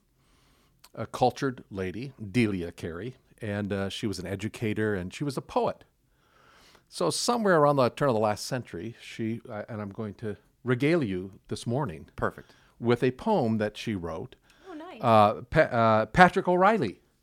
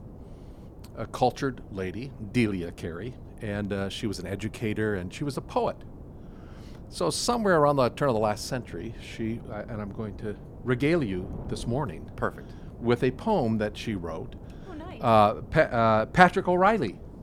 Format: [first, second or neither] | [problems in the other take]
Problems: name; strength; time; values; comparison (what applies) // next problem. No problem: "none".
first | wind noise on the microphone; occasional gusts; 25 dB below the speech